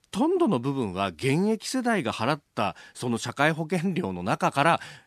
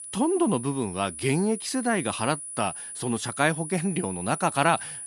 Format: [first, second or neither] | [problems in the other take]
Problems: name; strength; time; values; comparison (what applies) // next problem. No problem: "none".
first | high-pitched whine; loud; throughout; 10 kHz, 9 dB below the speech